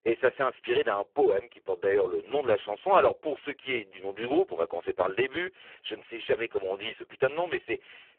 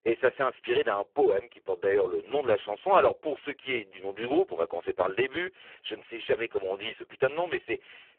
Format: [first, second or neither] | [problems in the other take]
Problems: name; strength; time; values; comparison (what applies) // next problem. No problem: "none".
neither | phone-call audio; poor line; the same in both